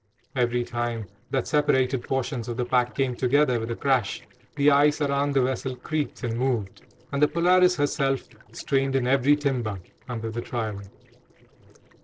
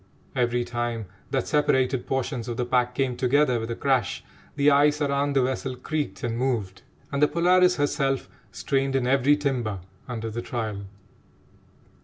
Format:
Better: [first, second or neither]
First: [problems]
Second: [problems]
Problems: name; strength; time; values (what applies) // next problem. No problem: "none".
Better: second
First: noise reduction (neural separator model SepFormer DNS4)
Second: none